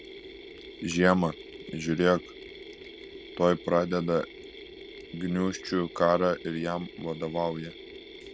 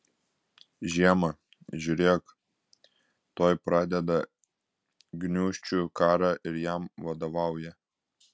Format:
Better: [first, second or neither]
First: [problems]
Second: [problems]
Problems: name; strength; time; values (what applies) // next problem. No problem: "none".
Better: second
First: background sound (Mechanisms); 15 dB below the speech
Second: none